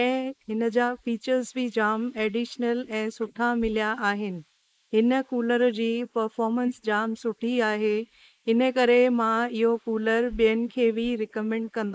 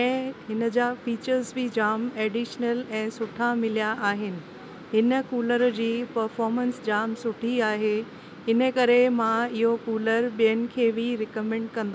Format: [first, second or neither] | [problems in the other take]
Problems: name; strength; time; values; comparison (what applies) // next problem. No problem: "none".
second | noise reduction (neural mask model Resemble Enhance denoiser)